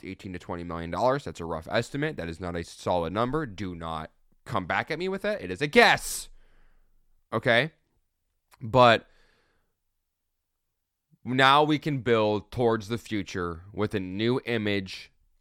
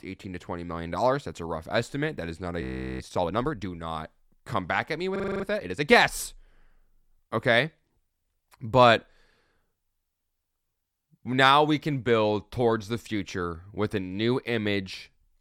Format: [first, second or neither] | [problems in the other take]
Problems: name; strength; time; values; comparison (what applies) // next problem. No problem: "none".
first | audio freezing; at 2.5 s and at 5 s